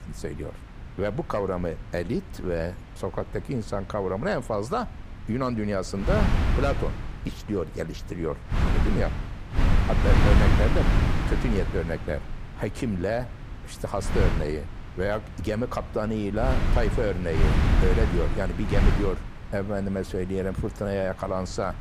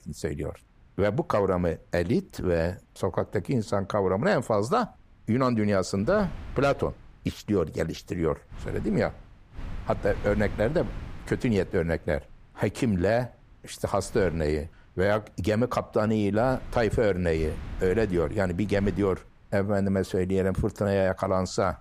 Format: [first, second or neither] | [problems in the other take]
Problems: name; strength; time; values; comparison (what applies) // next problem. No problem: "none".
second | wind noise on the microphone; heavy; 2 dB below the speech; occasional gusts in the second